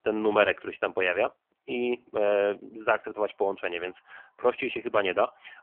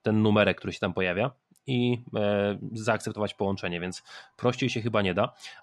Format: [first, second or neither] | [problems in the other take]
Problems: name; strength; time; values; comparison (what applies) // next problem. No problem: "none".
second | phone-call audio; poor line